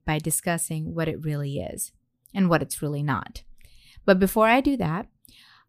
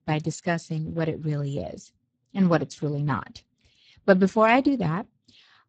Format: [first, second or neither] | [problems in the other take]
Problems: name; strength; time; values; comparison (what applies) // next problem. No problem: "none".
first | garbled, watery; badly; nothing above 7.5 kHz